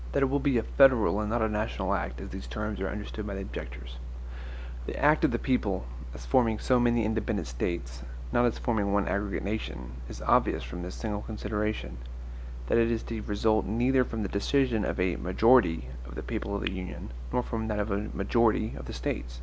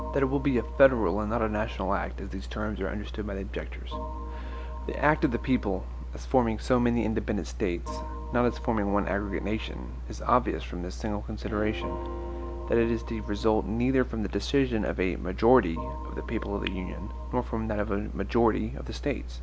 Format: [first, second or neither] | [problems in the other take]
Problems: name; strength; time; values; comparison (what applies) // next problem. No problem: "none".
first | background sound (Bowed string instrument + Organ); 17 dB below the speech